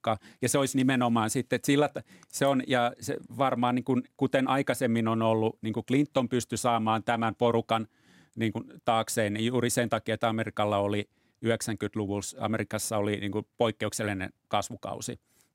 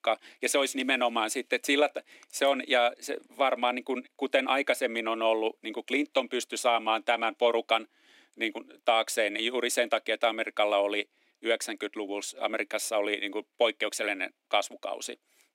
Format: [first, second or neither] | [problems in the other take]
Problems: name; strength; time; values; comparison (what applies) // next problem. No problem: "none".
first | thin; somewhat; fading below 300 Hz